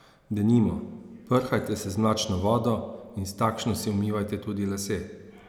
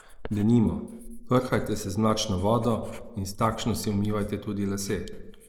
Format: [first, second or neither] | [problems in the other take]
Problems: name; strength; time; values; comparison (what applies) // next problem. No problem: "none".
first | noise reduction (neural mask model Resemble Enhance denoiser)